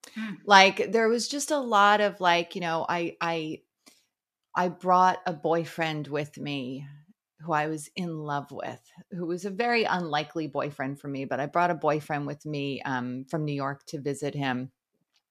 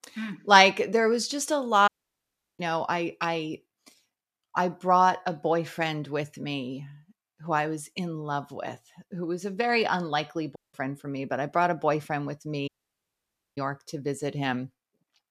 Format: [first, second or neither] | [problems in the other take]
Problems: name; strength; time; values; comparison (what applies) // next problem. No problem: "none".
first | audio cutting out; at 2 s for 0.5 s, at 11 s and at 13 s for 1 s